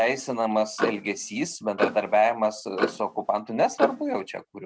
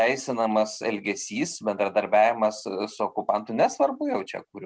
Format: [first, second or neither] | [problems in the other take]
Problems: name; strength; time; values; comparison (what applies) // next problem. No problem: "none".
second | background sound (Clock); 7 dB below the speech